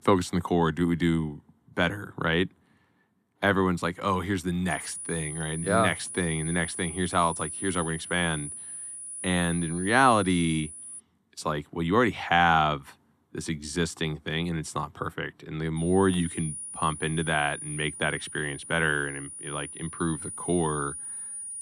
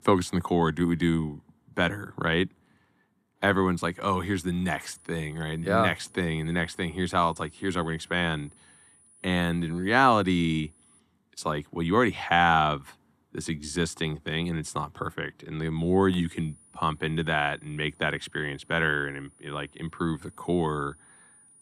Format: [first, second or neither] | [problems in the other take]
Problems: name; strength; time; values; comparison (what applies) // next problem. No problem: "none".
second | high-pitched whine; loud; from 4.5 to 11 s and from 16 s on; 10 kHz, 9 dB below the speech; faint in the second